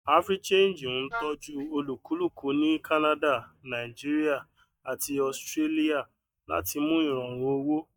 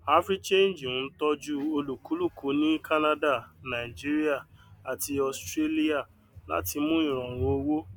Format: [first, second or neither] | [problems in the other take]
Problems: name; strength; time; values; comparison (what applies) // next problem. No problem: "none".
second | noise reduction (neural mask model DeepFilterNet 3)